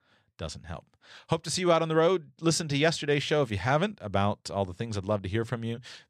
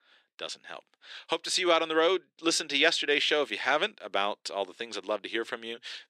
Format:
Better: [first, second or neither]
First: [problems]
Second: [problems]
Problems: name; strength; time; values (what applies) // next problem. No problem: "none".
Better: first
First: none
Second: thin; somewhat; fading below 300 Hz